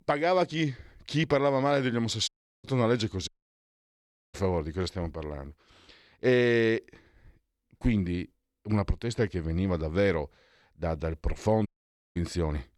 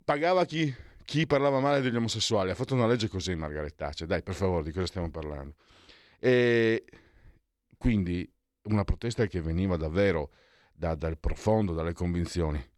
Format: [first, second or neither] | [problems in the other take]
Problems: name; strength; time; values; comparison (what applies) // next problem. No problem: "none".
second | audio cutting out; at 2.5 s, at 3.5 s for 1 s and at 12 s